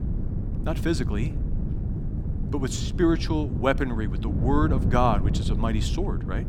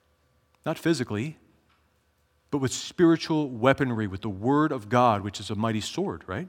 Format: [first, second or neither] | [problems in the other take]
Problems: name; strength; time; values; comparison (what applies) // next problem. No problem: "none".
second | wind noise on the microphone; occasional gusts; 10 dB below the speech